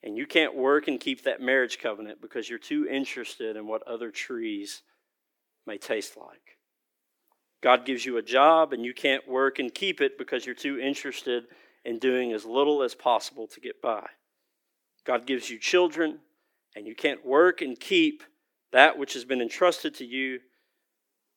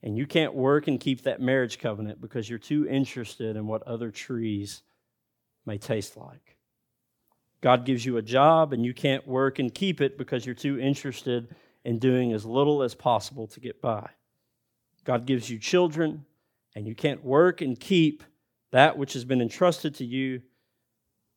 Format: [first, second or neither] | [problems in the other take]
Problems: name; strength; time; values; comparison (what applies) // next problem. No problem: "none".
second | thin; somewhat; fading below 300 Hz